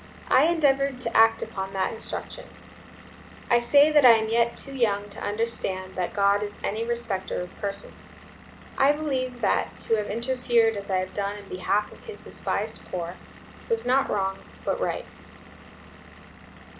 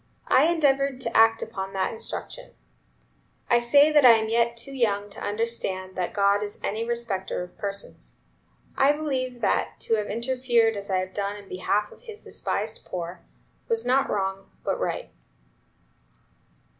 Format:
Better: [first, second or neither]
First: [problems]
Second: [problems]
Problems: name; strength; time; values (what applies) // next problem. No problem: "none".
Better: second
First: background sound (Engine / Vehicle); 19 dB below the speech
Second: none